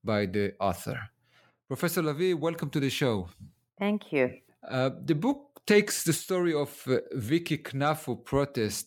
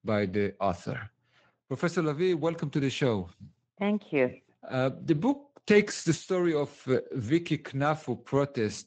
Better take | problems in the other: first | garbled, watery; slightly; nothing above 8 kHz

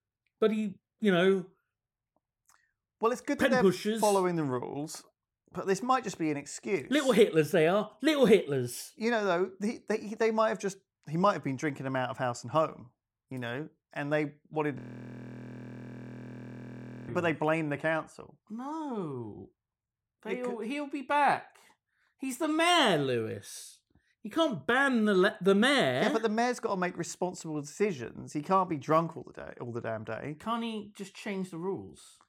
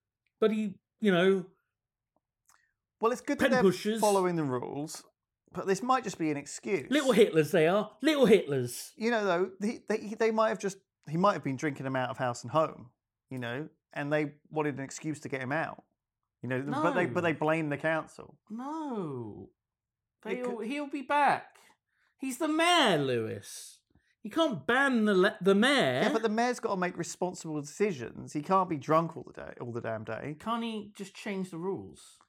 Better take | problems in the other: second | audio freezing; at 15 s for 2.5 s

